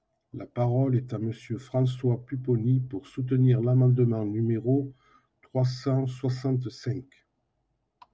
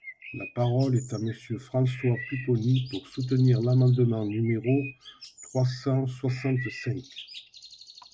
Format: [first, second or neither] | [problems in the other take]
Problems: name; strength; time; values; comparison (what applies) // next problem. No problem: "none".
first | background sound (Bird); 18 dB below the speech